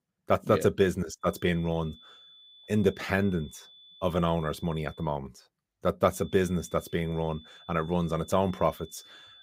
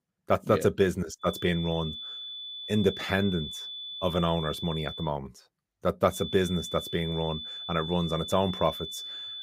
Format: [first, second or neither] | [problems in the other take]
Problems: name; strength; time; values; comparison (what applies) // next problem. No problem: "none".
first | high-pitched whine; loud; from 1.5 to 5 s and from 6 s on; 3.5 kHz, 8 dB below the speech; faint in the first